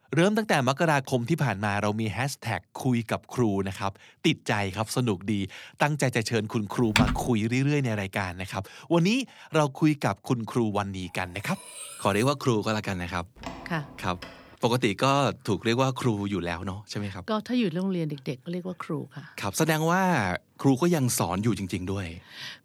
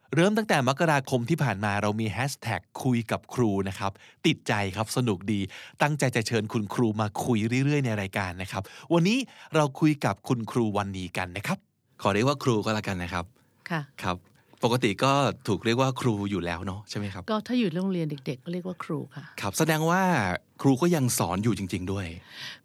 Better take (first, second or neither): second